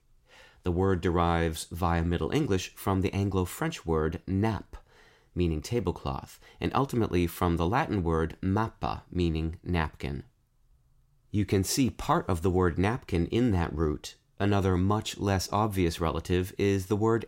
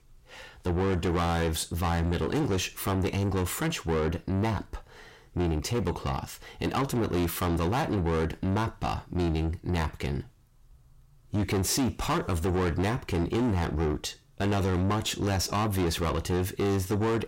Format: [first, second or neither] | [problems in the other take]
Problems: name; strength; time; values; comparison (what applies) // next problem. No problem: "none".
first | distortion; heavy; 7 dB below the speech